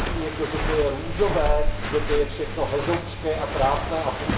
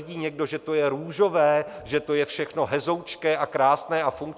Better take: second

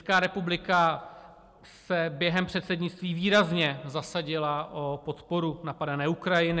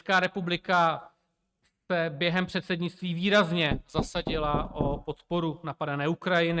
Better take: first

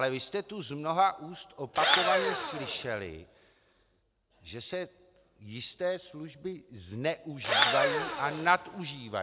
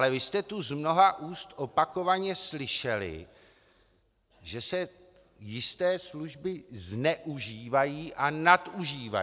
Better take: second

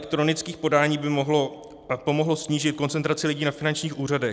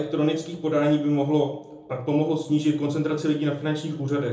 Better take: first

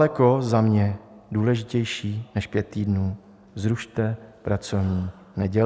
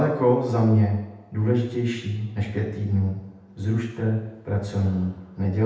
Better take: first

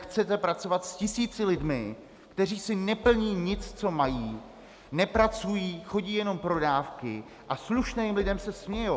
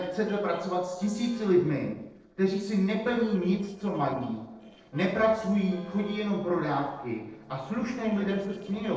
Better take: first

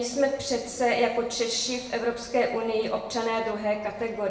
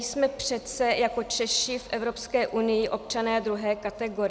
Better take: second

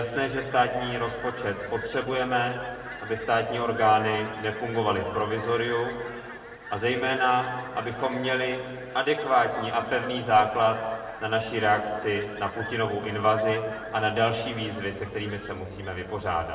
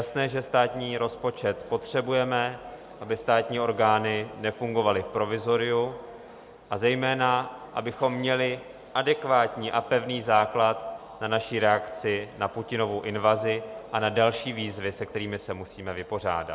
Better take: second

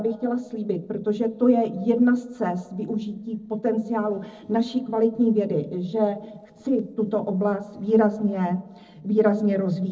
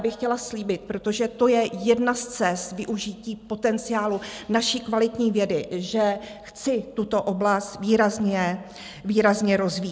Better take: second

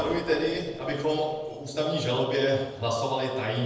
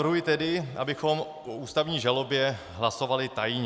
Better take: second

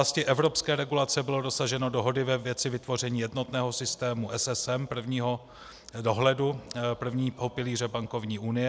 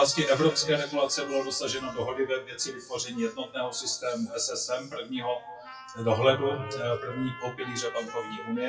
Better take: first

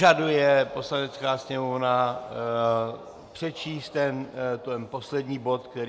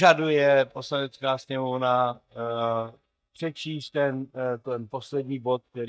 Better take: first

